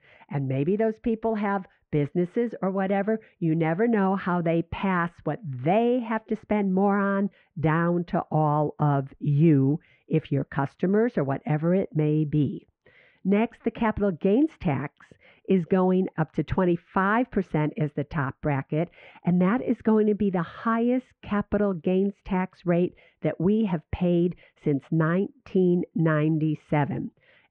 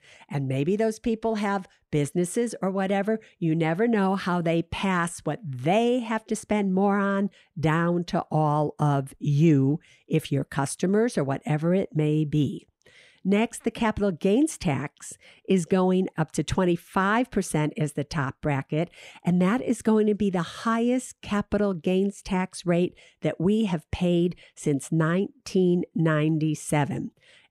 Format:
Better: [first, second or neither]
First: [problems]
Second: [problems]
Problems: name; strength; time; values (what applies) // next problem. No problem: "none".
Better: second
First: muffled; very; fading above 2.5 kHz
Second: none